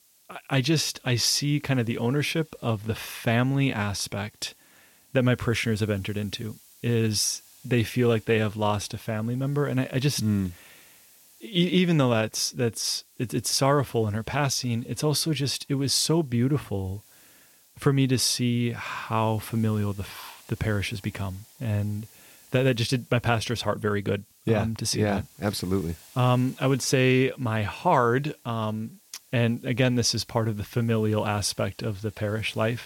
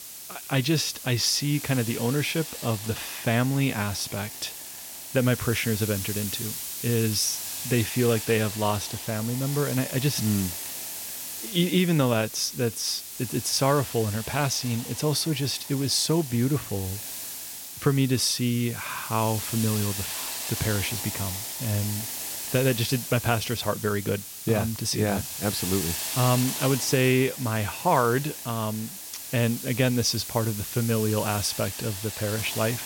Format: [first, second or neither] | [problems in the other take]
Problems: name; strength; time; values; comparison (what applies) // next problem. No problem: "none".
first | hiss; loud; throughout; 7 dB below the speech; faint in the first